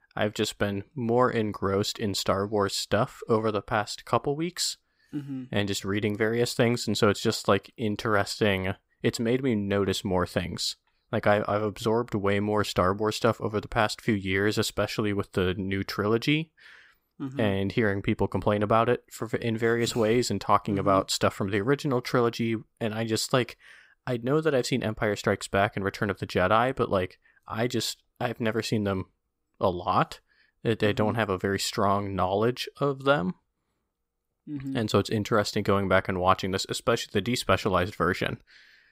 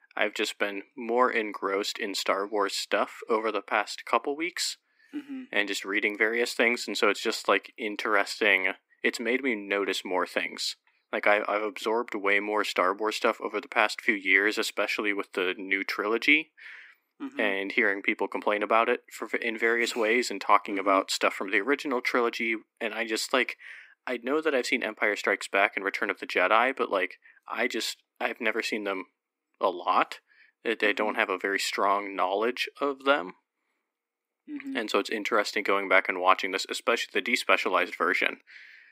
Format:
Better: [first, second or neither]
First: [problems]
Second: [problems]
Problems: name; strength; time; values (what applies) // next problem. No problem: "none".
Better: first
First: none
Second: thin; somewhat; fading below 250 Hz